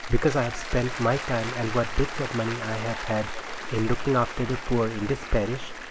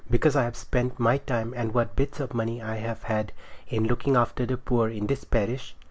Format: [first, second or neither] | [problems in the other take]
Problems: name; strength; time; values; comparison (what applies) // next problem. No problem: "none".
second | background sound (Applause / Cheering); 10 dB below the speech